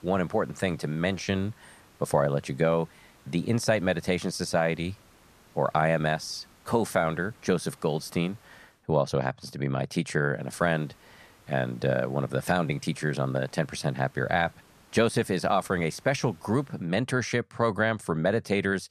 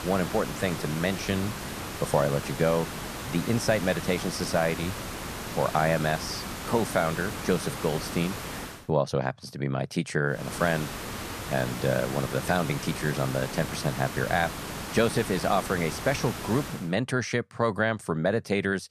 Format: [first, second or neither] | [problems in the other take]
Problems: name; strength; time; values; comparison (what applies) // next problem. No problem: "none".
first | hiss; loud; until 9 s and from 10 to 17 s; 7 dB below the speech; faint in the first